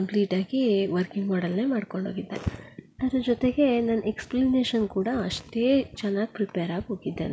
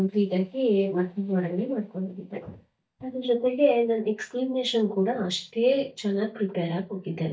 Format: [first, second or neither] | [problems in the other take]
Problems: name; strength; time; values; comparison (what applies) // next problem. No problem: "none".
first | noise reduction (neural mask model DeepFilterNet 3)